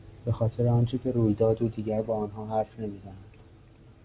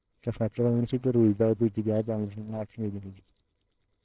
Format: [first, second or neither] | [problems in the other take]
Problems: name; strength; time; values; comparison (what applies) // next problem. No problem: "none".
first | noise reduction (neural separator model SepFormer WHAMR!)